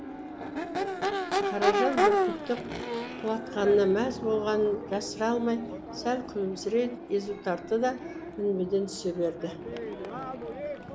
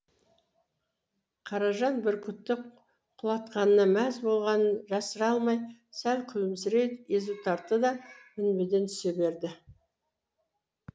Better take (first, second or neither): second